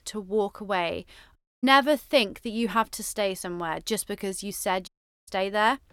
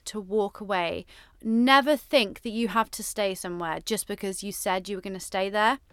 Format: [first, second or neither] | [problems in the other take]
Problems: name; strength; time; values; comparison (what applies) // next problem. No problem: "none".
second | audio cutting out; at 1.5 s and at 5 s